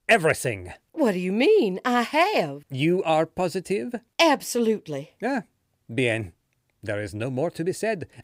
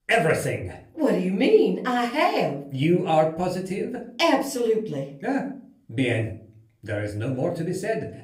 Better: first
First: none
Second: off-mic speech; far // room echo; slight; dies away in 0.4 s

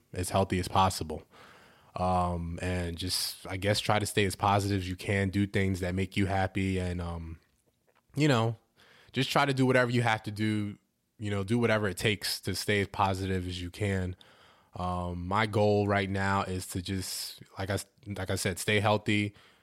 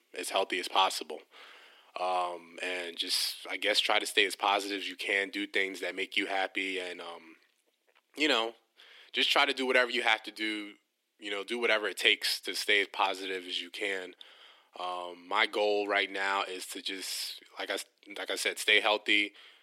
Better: first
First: none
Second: thin; very; fading below 300 Hz

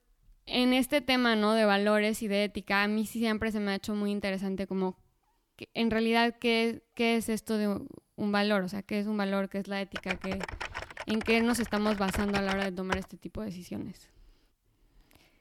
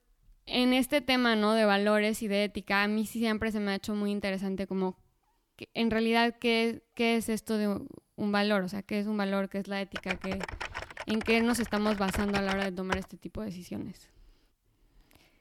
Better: neither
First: keyboard typing; noticeable; from 10 to 13 s; peak 6 dB below the speech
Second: keyboard typing; noticeable; from 10 to 13 s; peak 6 dB below the speech

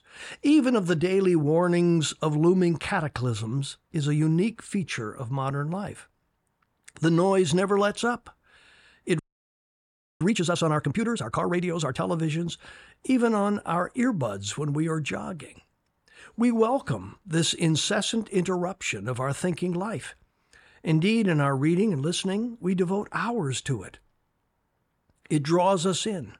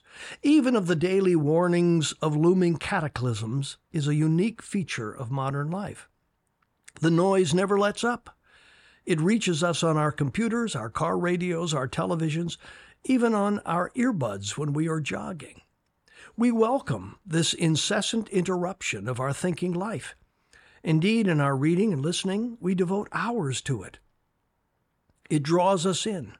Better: second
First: audio freezing; at 9 s for 1 s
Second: none

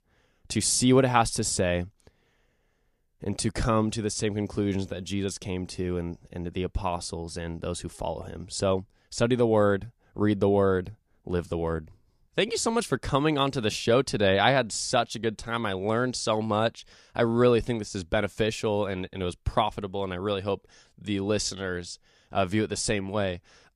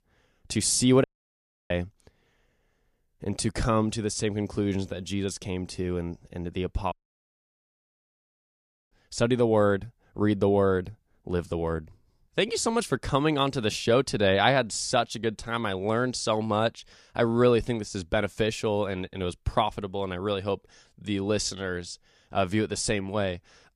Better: first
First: none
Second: audio cutting out; at 1 s for 0.5 s and at 7 s for 2 s

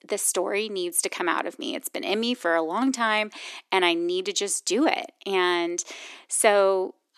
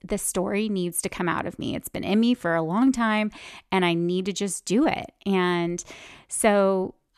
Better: second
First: thin; somewhat; fading below 300 Hz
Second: none

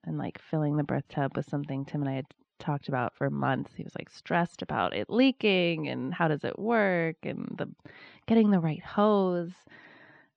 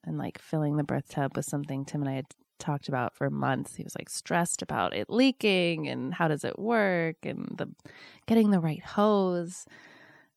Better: second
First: muffled; slightly; fading above 4 kHz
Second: none

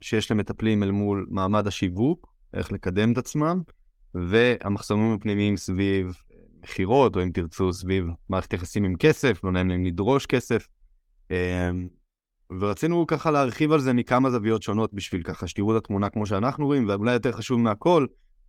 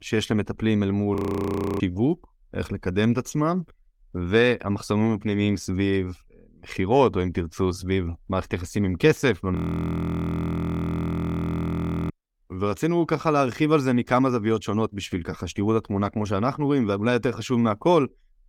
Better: first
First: none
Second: audio freezing; at 1 s for 0.5 s and at 9.5 s for 2.5 s

